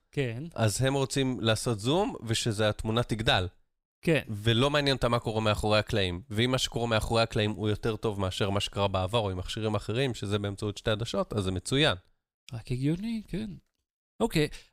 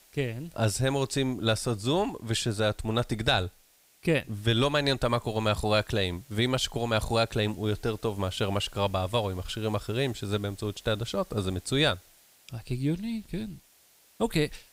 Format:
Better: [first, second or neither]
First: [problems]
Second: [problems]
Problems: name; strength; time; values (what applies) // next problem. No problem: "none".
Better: first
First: none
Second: hiss; faint; throughout; 25 dB below the speech